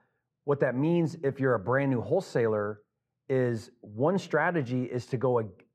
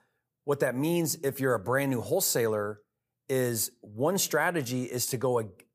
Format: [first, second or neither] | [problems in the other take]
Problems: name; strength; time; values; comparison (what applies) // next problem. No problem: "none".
second | muffled; very; fading above 2 kHz